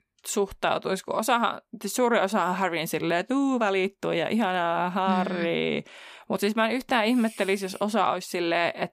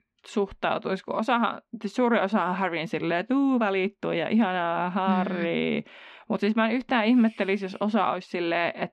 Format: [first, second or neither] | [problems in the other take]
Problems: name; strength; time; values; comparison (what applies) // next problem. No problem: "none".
first | muffled; slightly; fading above 3 kHz